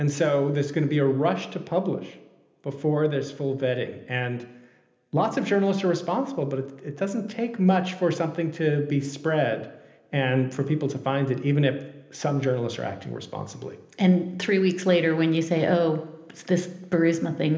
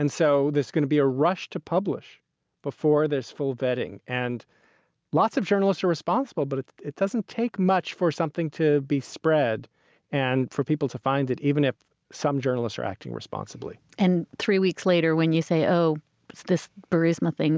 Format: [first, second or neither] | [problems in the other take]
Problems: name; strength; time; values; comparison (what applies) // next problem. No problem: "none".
second | room echo; dies away in 0.8 s